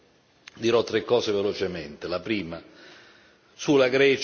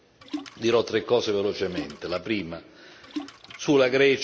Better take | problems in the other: first | background sound (Splash, splatter); 15 dB below the speech

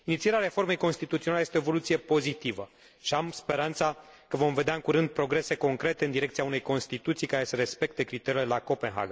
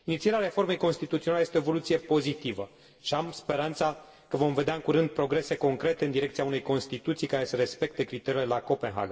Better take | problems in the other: first | room echo; dies away in 0.9 s

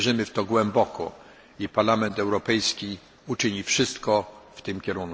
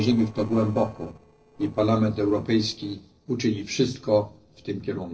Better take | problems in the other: first | noise reduction (neural separator model SepFormer DNS4)

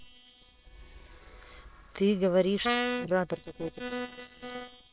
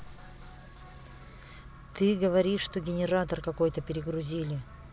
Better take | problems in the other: second | noise reduction (neural separator model SepFormer WHAM!)

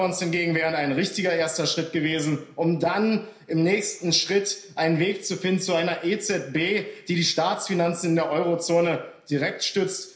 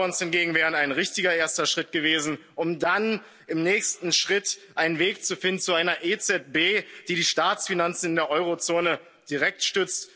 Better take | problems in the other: second | room echo; dies away in 0.5 s

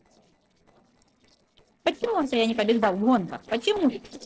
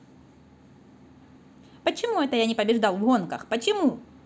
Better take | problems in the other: second | noise reduction (neural separator model SepFormer DNS4)

